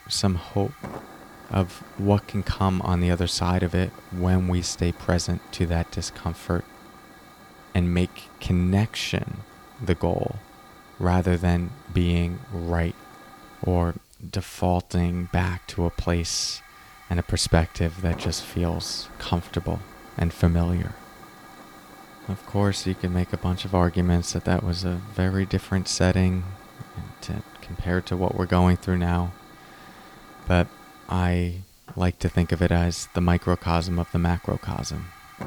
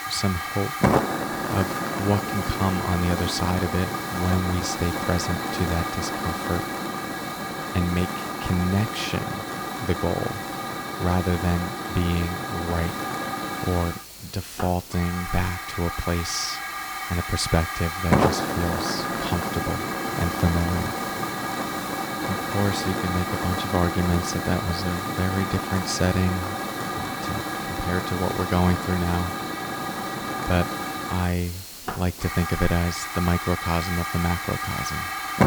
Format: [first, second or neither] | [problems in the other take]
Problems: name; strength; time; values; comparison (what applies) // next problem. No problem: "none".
first | hiss; loud; throughout; 1 dB below the speech; faint in the first